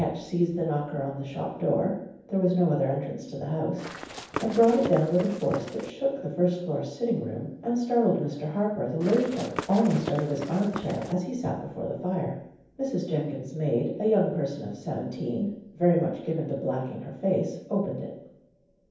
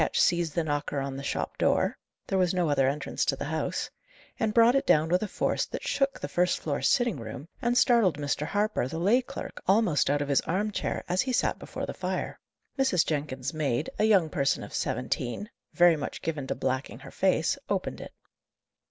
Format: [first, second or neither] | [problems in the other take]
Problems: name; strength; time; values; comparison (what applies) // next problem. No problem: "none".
second | background sound (Run); 10 dB below the speech // room echo; dies away in 0.9 s